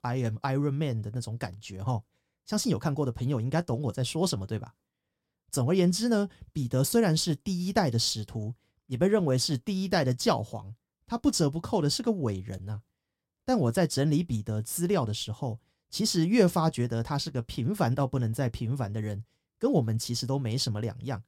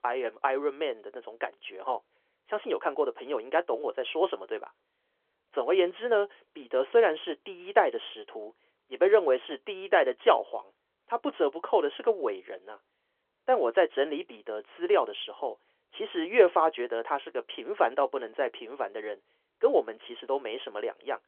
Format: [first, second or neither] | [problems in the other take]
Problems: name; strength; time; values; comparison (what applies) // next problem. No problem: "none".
first | phone-call audio; nothing above 3.5 kHz